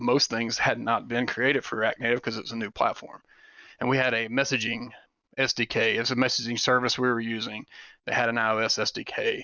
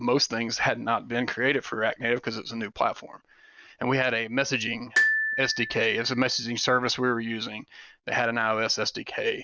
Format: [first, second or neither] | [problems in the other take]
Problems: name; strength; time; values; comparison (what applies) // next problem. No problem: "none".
first | background sound (Glockenspiel); 3 dB below the speech